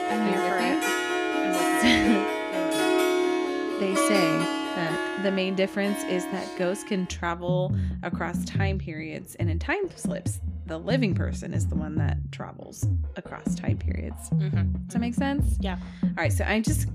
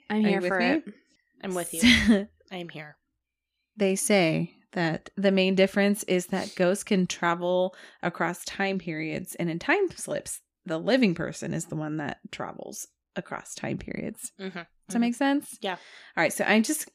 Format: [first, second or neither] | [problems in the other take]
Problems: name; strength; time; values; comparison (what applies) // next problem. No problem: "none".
second | background music; very loud; throughout; 2 dB above the speech